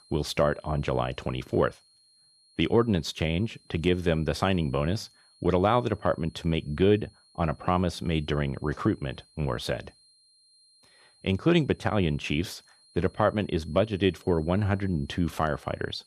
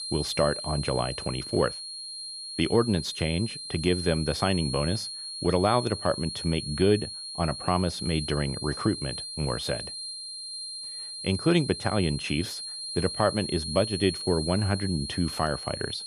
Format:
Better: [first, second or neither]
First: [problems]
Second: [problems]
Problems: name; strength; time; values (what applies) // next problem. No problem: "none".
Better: first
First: high-pitched whine; faint; throughout; 4 kHz, 30 dB below the speech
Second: high-pitched whine; loud; throughout; 4 kHz, 6 dB below the speech